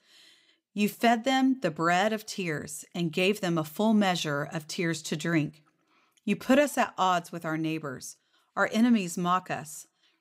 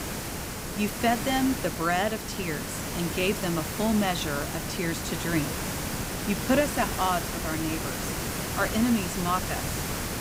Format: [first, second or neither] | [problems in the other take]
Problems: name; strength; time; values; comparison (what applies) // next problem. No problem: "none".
first | hiss; loud; throughout; 3 dB below the speech